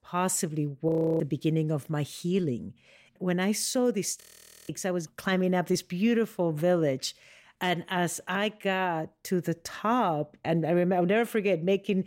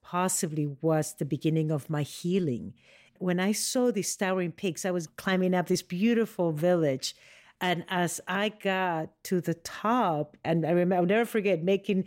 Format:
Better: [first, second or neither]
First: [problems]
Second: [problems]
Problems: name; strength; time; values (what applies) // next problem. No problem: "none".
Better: second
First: audio freezing; at 1 s and at 4 s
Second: none